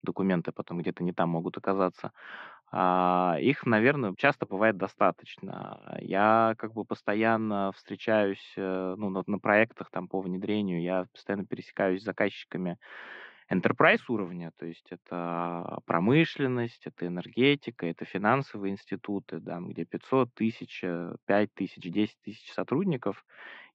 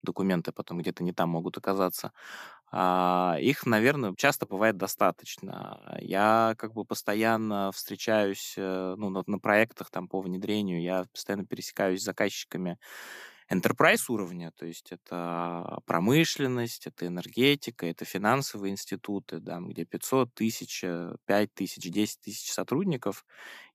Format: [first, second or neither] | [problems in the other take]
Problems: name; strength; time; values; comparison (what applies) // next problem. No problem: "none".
second | muffled; very; fading above 3 kHz